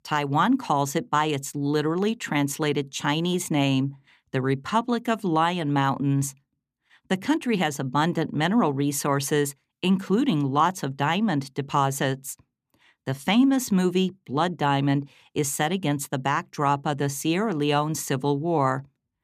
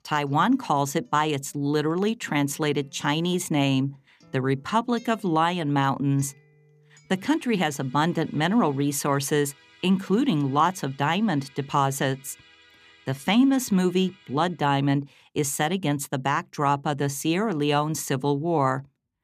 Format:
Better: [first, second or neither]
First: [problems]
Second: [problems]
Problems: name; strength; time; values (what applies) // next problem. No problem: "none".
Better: first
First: none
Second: background music; faint; until 15 s; 30 dB below the speech